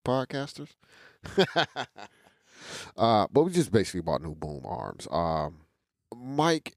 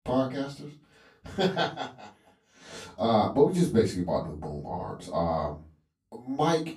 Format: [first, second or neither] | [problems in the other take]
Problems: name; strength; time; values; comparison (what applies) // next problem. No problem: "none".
first | room echo; slight; dies away in 0.3 s // off-mic speech; far